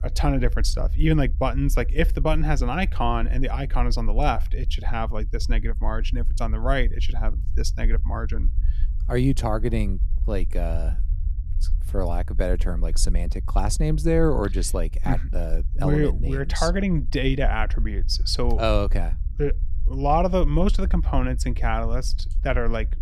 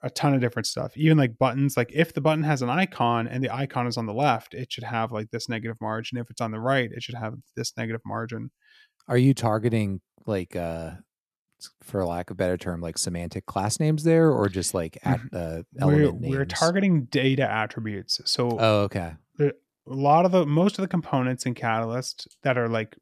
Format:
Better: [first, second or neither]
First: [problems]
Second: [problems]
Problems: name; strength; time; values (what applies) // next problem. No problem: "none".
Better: second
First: low rumble; faint; throughout; 20 dB below the speech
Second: none